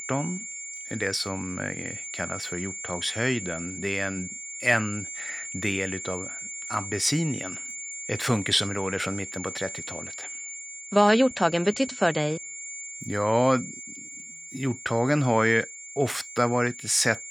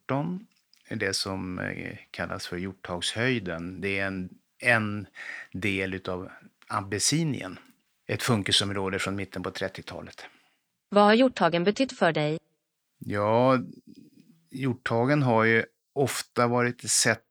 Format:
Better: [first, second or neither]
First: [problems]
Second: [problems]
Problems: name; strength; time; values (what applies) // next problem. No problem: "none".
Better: second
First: high-pitched whine; loud; throughout; 7 kHz, 9 dB below the speech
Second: none